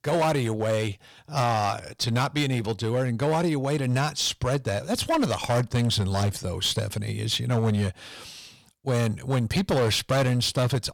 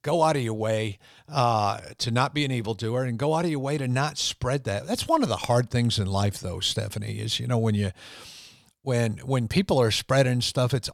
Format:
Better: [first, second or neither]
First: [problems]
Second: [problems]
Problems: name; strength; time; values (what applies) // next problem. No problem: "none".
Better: second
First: distortion; slight; 10% of the sound clipped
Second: none